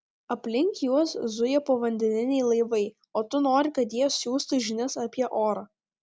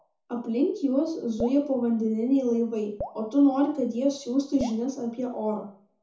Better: first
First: none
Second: background sound (Drip); 18 dB below the speech // room echo; dies away in 0.6 s

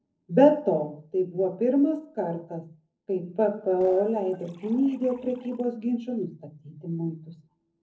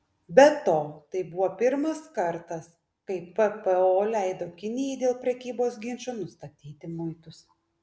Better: second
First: noise reduction (neural separator model SepFormer DNS4)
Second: none

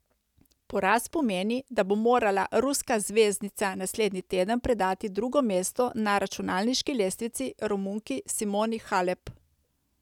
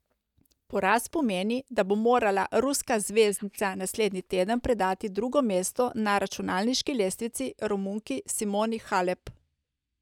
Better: first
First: none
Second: noise reduction (neural mask model DeepFilterNet 3)

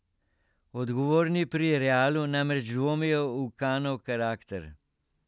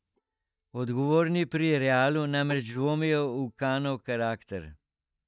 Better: first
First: none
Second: noise reduction (neural mask model DeepFilterNet 3)

